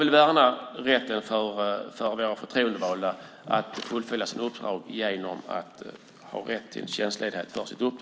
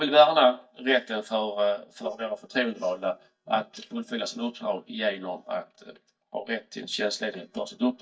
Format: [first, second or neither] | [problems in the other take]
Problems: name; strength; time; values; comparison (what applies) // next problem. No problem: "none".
first | noise reduction (neural mask model DeepFilterNet 3)